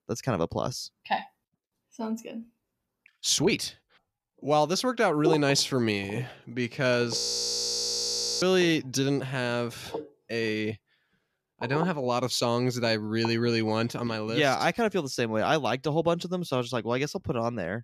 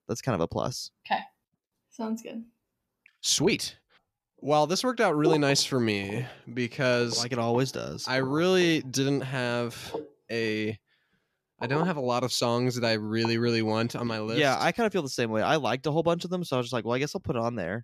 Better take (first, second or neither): second